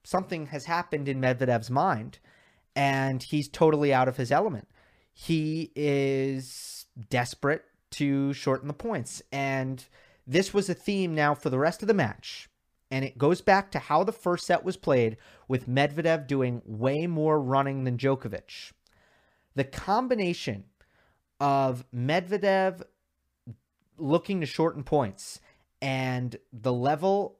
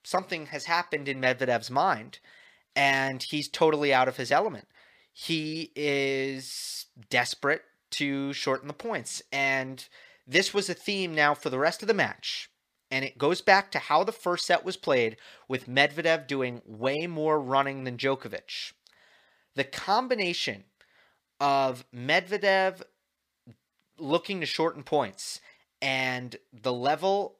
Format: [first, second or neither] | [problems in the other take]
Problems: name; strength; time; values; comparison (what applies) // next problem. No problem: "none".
first | thin; very slightly; fading below 950 Hz